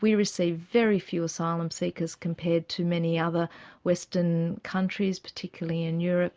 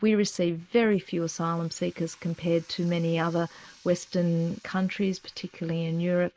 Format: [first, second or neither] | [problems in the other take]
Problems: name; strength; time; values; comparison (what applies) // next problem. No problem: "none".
first | noise reduction (neural mask model Resemble Enhance denoiser)